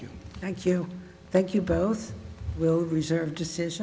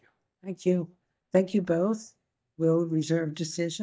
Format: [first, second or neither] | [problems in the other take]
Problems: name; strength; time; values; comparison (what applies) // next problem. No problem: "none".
first | noise reduction (neural mask model DeepFilterNet 3)